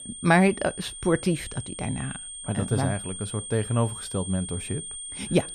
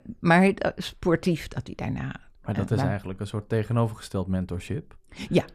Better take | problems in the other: second | high-pitched whine; loud; throughout; 8.5 kHz, 9 dB below the speech

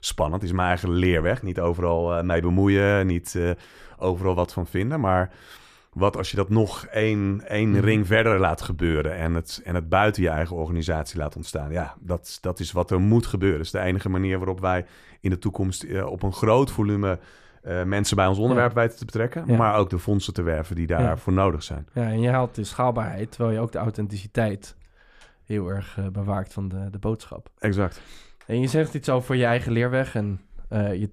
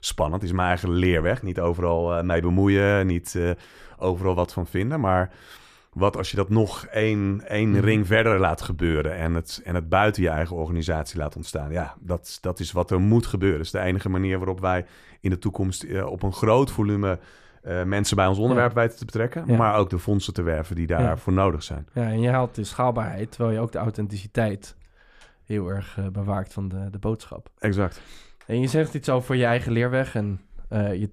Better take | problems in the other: neither | none

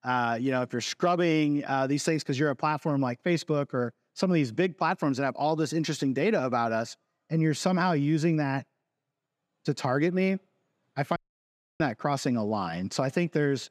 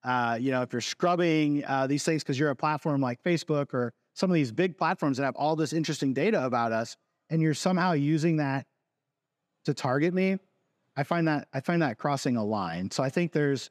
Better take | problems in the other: second | audio cutting out; at 11 s for 0.5 s

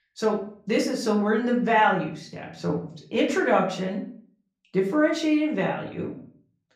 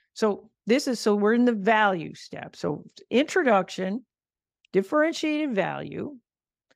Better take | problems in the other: second | off-mic speech; far // room echo; slight; dies away in 0.4 s

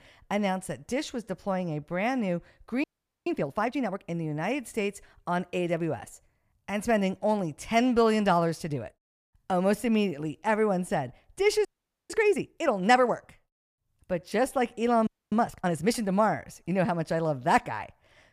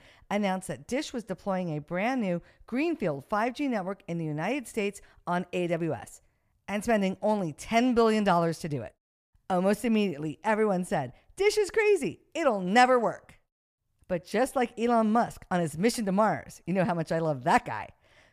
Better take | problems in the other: second | audio freezing; at 3 s, at 12 s and at 15 s

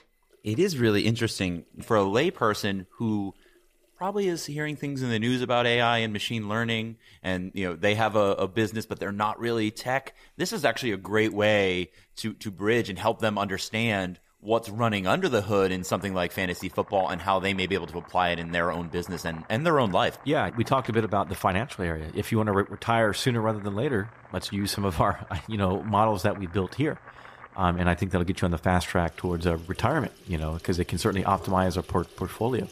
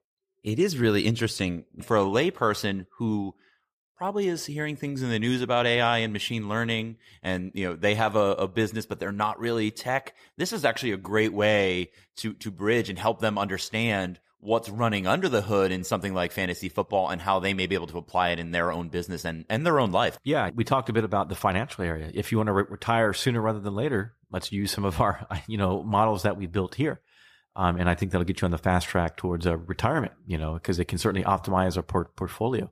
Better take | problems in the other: second | household noises; faint; throughout; 20 dB below the speech

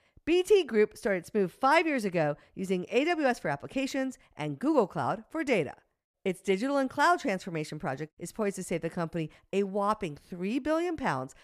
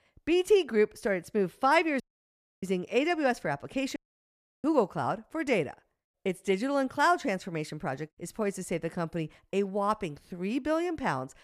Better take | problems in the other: first | audio cutting out; at 2 s for 0.5 s and at 4 s for 0.5 s

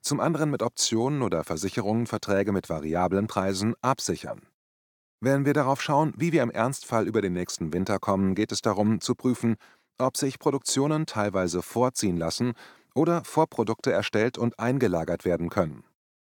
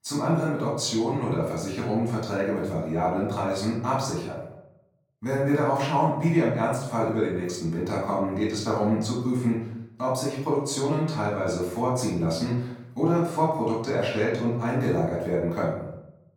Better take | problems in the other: first | off-mic speech; far // room echo; noticeable; dies away in 0.7 s

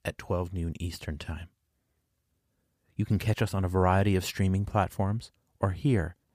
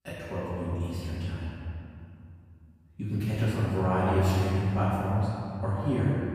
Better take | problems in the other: first | off-mic speech; far // room echo; strong; dies away in 2.4 s

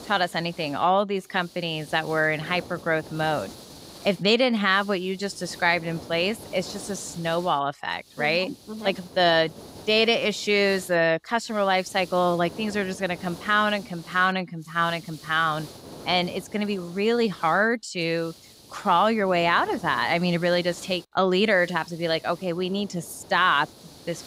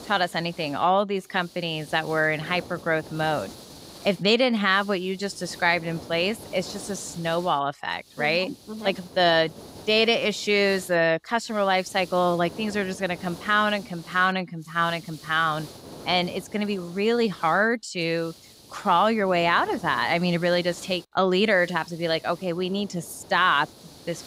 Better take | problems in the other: neither | hiss; noticeable; throughout; 20 dB below the speech; the same in both

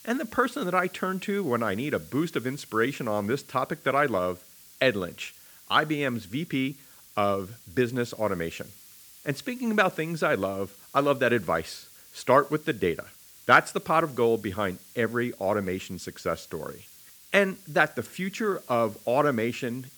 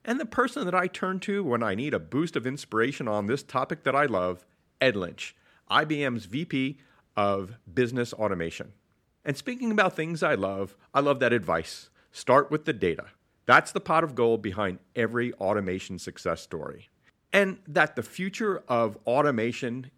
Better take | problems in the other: second | hiss; faint; throughout; 20 dB below the speech

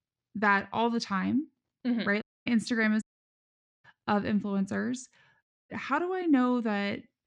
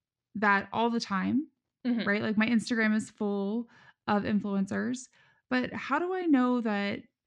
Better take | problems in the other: second | audio cutting out; at 2 s, at 3 s for 1 s and at 5.5 s

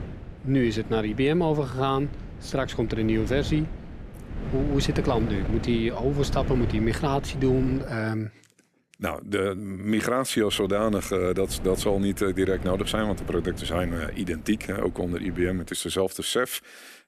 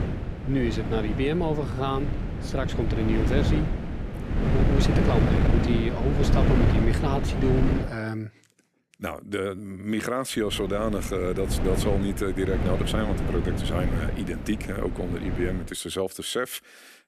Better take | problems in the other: first | wind noise on the microphone; heavy; until 8 s and from 10 to 16 s; 3 dB below the speech; occasional gusts in the first

